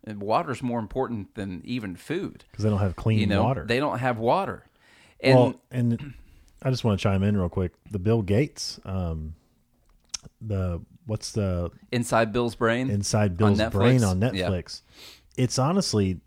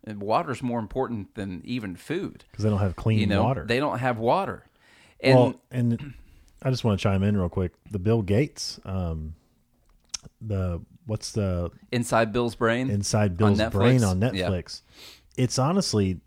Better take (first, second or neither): neither